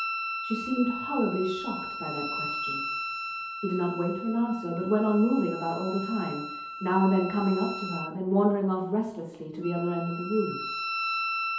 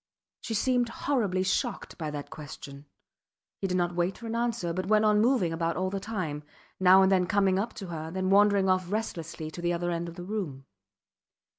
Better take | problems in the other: second | background sound (Wind instrument, woodwind instrument); 7 dB below the speech // room echo; dies away in 2.2 s

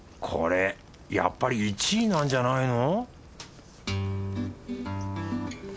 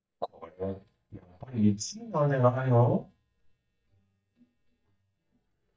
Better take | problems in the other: first | noise reduction (neural mask model DeepFilterNet 3)

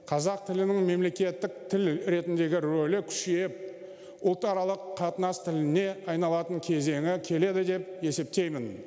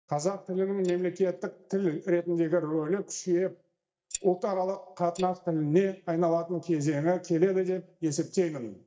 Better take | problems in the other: first | noise reduction (neural mask model DeepFilterNet 3)

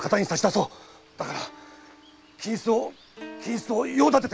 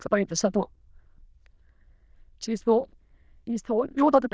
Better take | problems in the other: first | noise reduction (neural diffusion model UNIVERSE++)

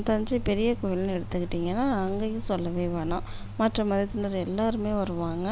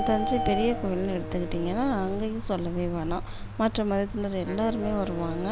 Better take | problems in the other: first | background sound (Bird + Wind instrument, woodwind instrument); 8 dB below the speech

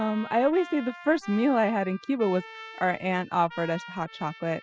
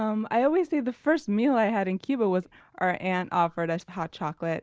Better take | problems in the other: second | noise reduction (classical method spectral subtraction)

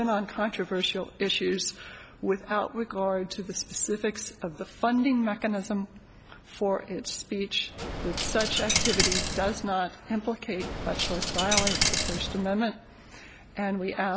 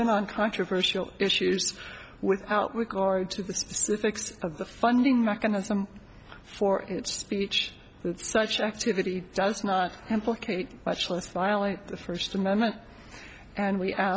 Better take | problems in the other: second | background sound (Coin (dropping)); 1 dB above the speech

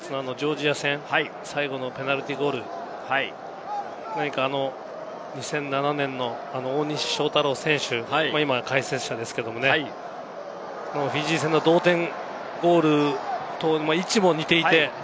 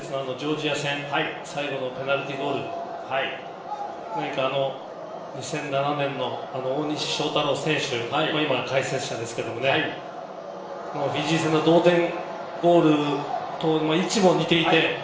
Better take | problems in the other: first | room echo; dies away in 0.7 s

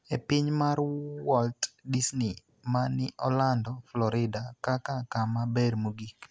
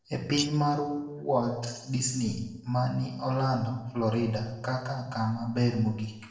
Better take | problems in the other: first | noise reduction (neural separator model SepFormer DNS4)

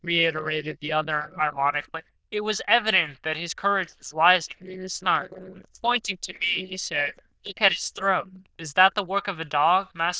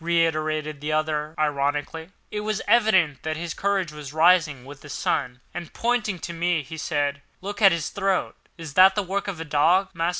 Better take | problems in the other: second | noise reduction (neural diffusion model UNIVERSE++)

